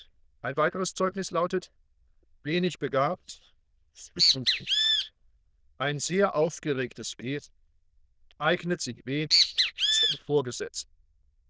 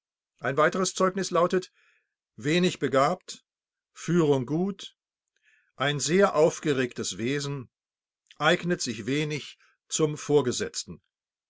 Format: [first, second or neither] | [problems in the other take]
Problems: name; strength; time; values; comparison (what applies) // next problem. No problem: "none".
second | noise reduction (neural diffusion model UNIVERSE++)